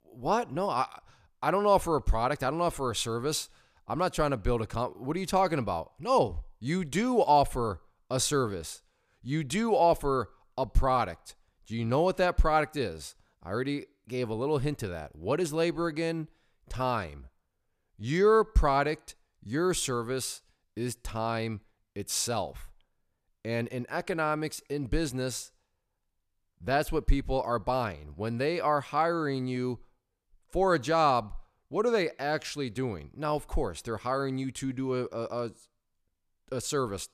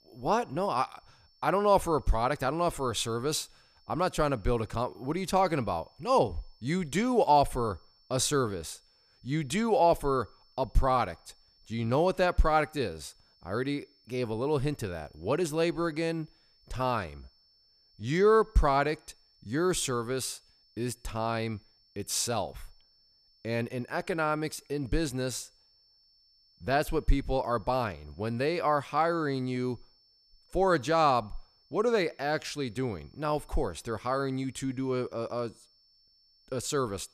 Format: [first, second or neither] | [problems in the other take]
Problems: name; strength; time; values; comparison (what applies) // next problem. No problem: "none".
first | high-pitched whine; faint; throughout; 5.5 kHz, 35 dB below the speech